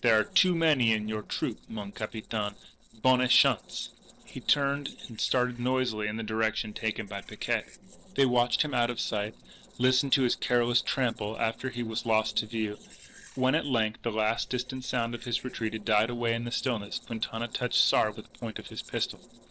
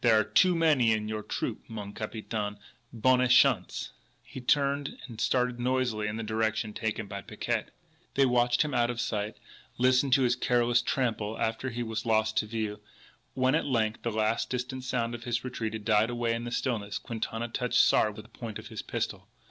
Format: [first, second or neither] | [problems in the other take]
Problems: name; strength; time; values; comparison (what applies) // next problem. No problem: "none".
second | noise reduction (neural separator model SepFormer DNS4)